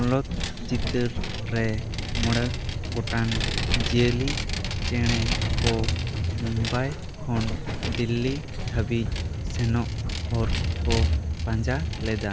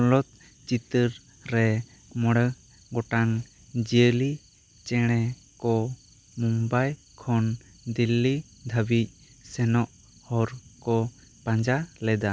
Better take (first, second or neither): second